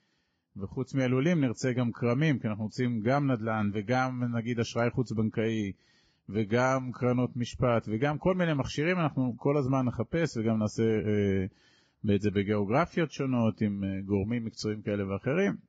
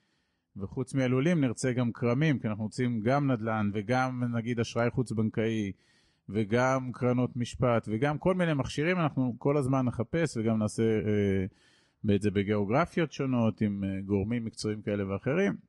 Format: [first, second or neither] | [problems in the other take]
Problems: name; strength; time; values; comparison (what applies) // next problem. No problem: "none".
second | garbled, watery; badly; nothing above 7.5 kHz; slightly in the second